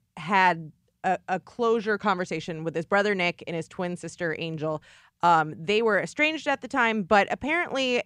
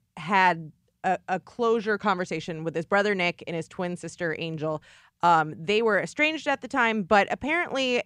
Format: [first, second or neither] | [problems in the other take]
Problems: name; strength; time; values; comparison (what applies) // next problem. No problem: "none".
neither | none